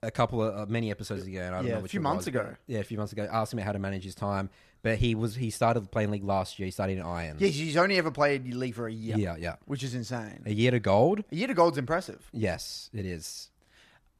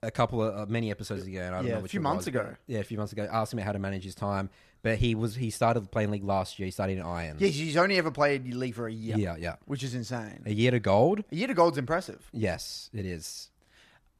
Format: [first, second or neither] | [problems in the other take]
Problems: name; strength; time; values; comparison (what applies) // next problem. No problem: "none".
neither | none